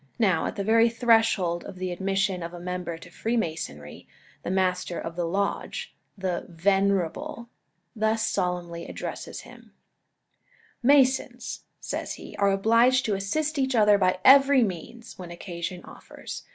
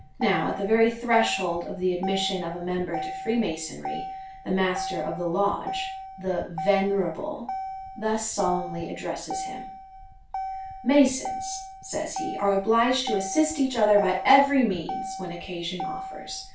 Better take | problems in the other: first | background sound (Motor vehicle (road)); 9 dB below the speech // room echo; dies away in 0.3 s

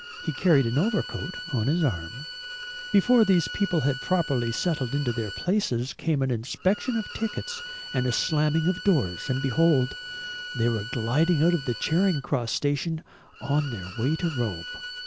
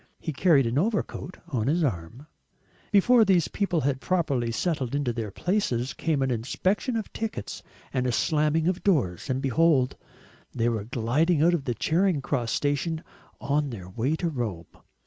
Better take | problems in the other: second | background sound (Bowed string instrument); 12 dB below the speech

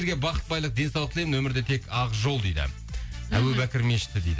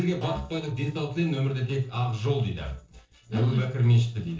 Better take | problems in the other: first | noise reduction (neural separator model SepFormer DNS4)

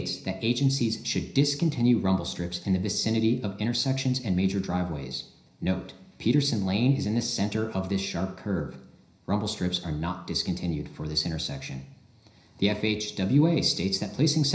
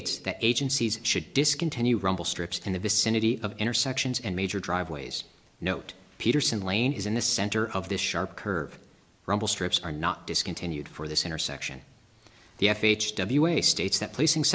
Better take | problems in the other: second | room echo; dies away in 0.5 s

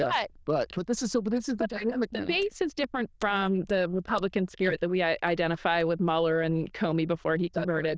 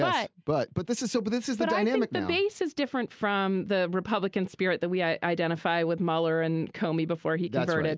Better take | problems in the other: second | noise reduction (neural diffusion model UNIVERSE++)

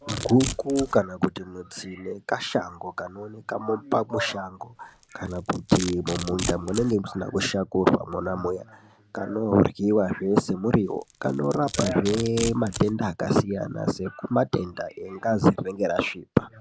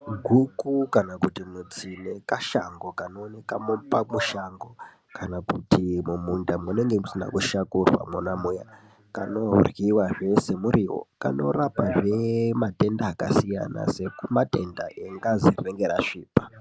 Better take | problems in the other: second | background sound (Domestic sounds, home sounds); 15 dB below the speech

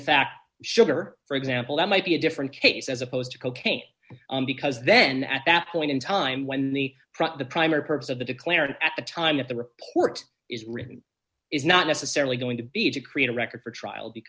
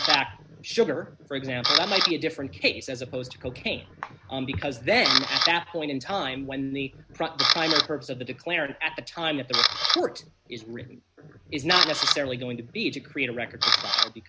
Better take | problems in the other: first | background sound (Camera); as loud as the speech

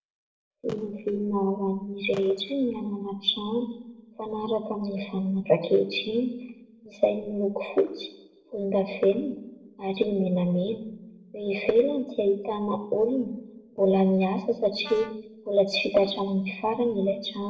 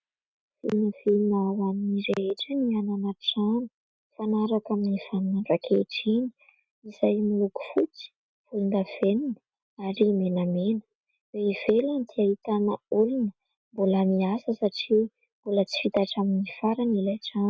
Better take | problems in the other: second | noise reduction (neural separator model SepFormer DNS4)

